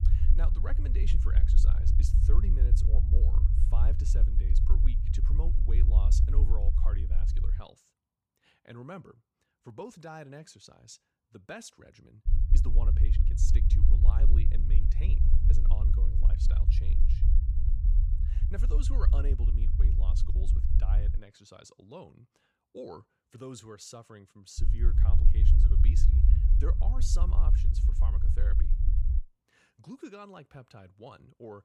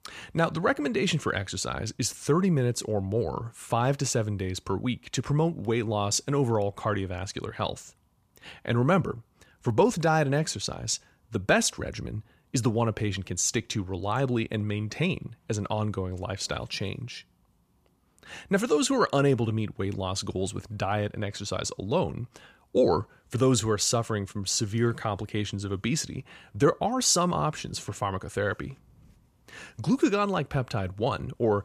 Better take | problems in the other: second | low rumble; loud; until 7.5 s, from 12 to 21 s and from 25 to 29 s; 1 dB below the speech

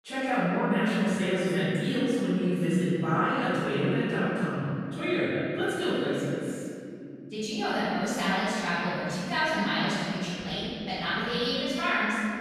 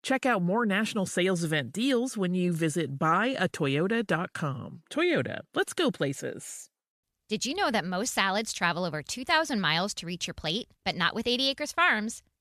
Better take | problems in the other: second | off-mic speech; far // room echo; strong; dies away in 2.7 s

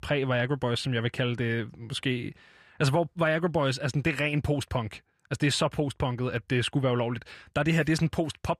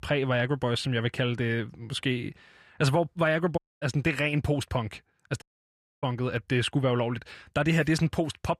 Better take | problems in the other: first | audio cutting out; at 3.5 s and at 5.5 s for 0.5 s

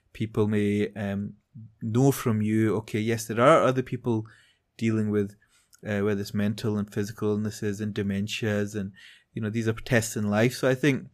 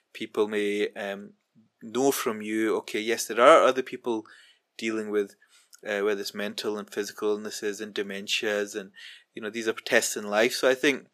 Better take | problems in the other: first | thin; somewhat; fading below 350 Hz

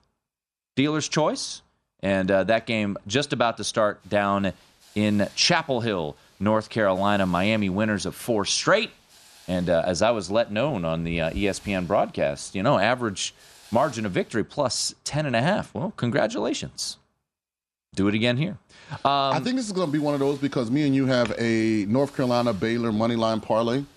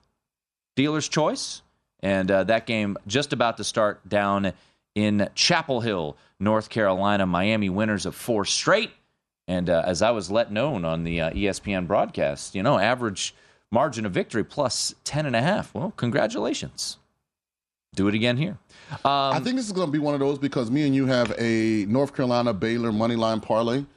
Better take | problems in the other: second | hiss; faint; from 4 to 14 s and from 19 s on; 25 dB below the speech

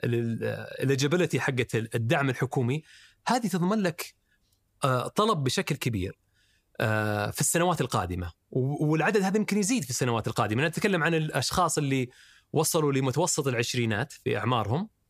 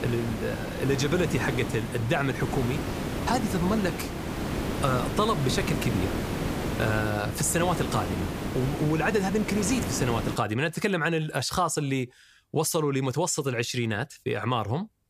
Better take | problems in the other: first | hiss; loud; until 10 s; 4 dB below the speech

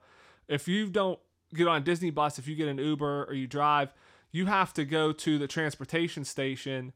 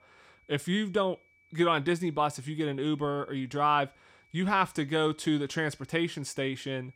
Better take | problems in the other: first | high-pitched whine; faint; throughout; 2.5 kHz, 35 dB below the speech

